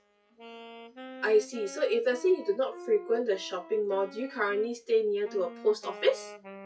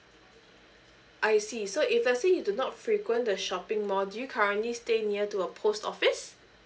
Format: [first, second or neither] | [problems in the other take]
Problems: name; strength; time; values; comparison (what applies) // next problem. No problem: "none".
second | noise reduction (classical method WPE with log-MMSE)